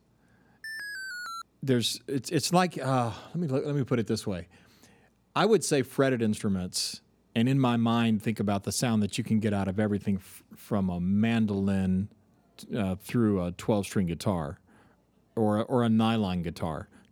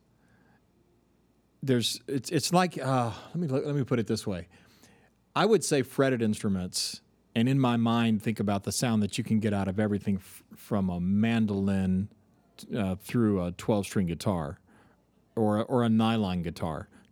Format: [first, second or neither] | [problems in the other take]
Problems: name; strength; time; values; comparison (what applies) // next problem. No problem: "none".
second | alarm; noticeable; at 0.5 s; peak 8 dB below the speech